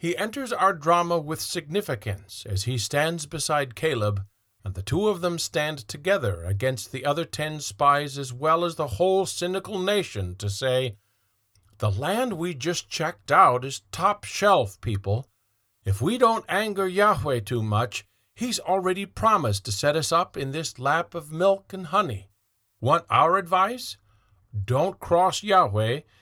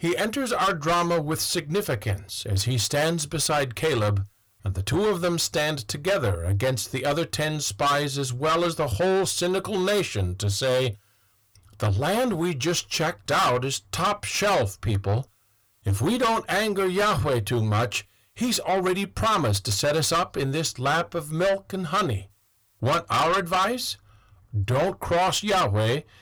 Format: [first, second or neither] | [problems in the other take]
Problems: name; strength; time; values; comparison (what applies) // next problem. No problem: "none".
first | distortion; heavy; 6 dB below the speech